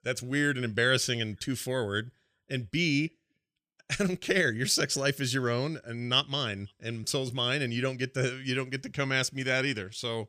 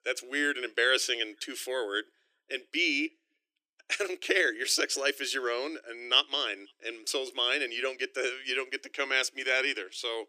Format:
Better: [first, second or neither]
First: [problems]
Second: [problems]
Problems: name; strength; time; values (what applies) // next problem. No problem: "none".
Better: first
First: none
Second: thin; somewhat; fading below 300 Hz